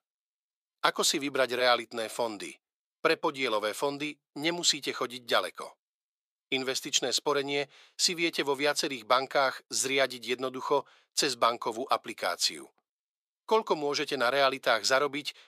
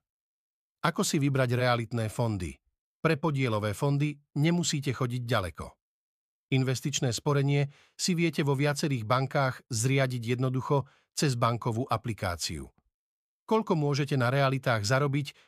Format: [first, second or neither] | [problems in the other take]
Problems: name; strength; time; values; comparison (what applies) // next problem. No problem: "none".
second | thin; very; fading below 350 Hz